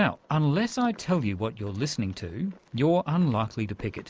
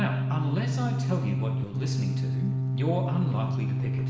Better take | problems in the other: first | background sound (Organ); 5 dB above the speech // room echo; dies away in 0.9 s

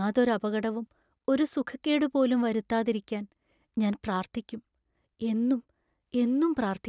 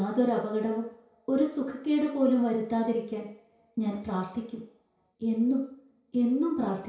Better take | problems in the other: first | room echo; dies away in 0.6 s

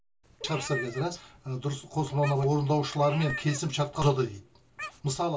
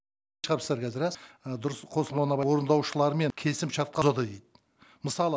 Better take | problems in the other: second | background sound (Meow); 14 dB below the speech // room echo; dies away in 0.1 s

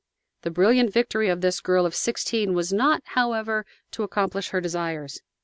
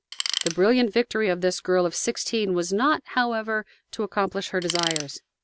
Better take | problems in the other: first | background sound (Tools); 5 dB below the speech

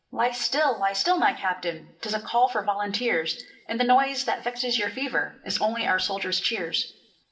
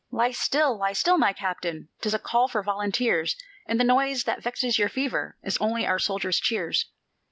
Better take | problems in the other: second | room echo; dies away in 0.7 s

